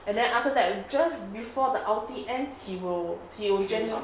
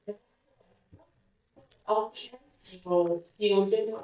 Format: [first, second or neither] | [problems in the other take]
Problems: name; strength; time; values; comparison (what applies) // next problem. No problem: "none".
first | noise reduction (neural mask model DeepFilterNet 3)